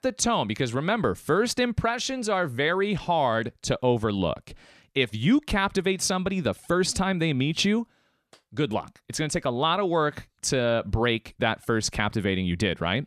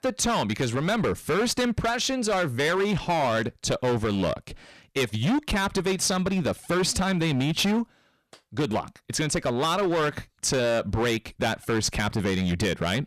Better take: first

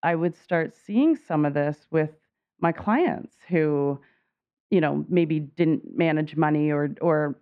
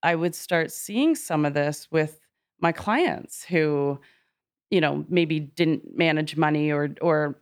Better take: second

